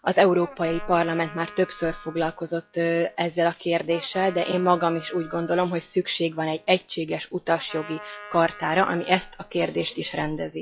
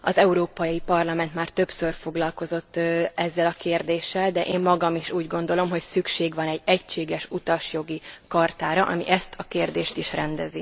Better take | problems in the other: second | noise reduction (classical method log-MMSE)

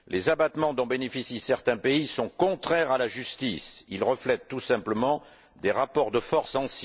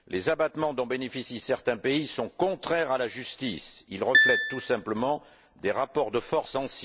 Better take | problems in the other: first | background sound (Piano); 4 dB above the speech

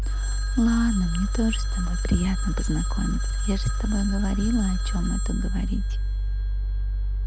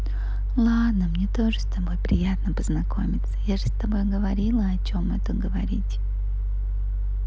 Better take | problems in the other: second | background sound (Telephone); 17 dB below the speech

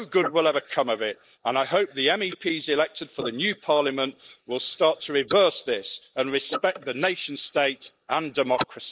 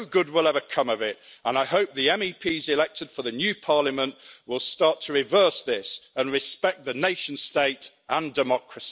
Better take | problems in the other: second | noise reduction (neural mask model Resemble Enhance denoiser)

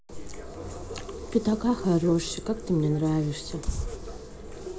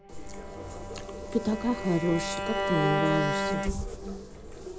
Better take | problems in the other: first | background sound (Bowed string instrument); 2 dB below the speech

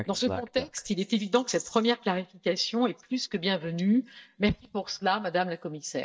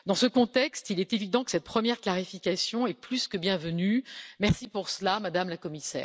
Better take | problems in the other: second | noise reduction (neural mask model DeepFilterNet 3)

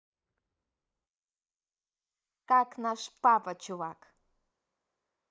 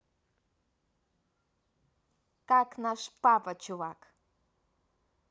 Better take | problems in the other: second | noise reduction (neural mask model Resemble Enhance denoiser)

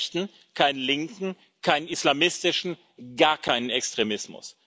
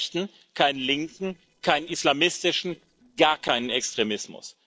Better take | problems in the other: first | noise reduction (neural separator model SepFormer DNS4)

